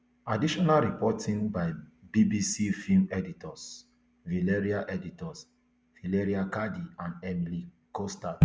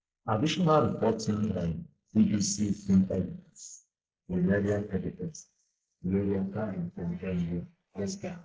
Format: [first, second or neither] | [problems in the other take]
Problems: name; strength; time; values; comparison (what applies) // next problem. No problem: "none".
first | noise reduction (neural mask model Resemble Enhance denoiser)